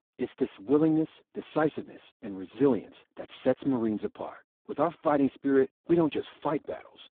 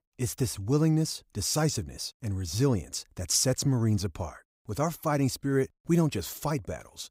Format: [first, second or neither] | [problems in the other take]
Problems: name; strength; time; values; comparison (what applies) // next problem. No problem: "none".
second | phone-call audio; poor line